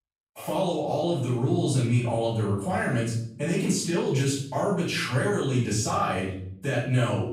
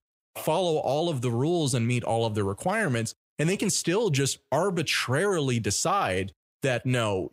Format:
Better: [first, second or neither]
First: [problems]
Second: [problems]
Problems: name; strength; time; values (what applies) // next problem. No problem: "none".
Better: second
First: off-mic speech; far // room echo; noticeable; dies away in 0.7 s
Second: none